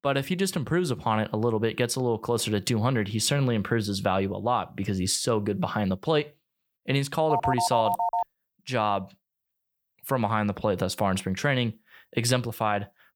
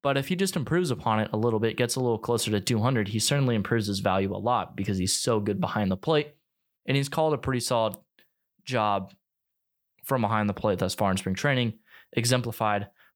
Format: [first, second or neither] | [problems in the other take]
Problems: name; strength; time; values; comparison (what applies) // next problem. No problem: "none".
second | phone ringing; loud; at 7.5 s; peak level with the speech